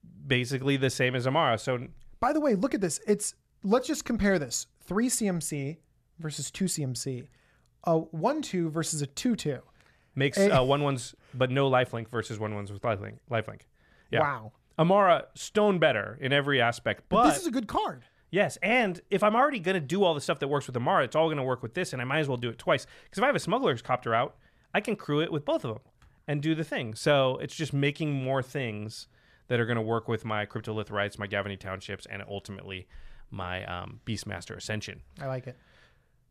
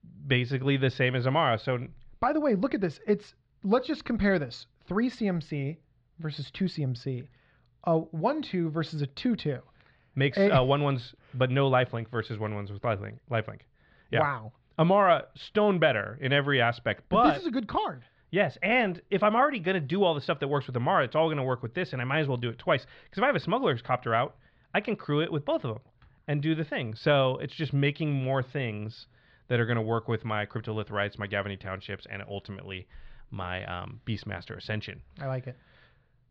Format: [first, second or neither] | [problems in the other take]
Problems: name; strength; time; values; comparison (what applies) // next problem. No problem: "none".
first | muffled; slightly; fading above 4 kHz